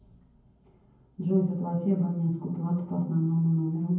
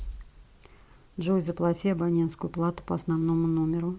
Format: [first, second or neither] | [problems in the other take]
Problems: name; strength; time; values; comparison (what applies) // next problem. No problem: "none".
second | room echo; dies away in 0.9 s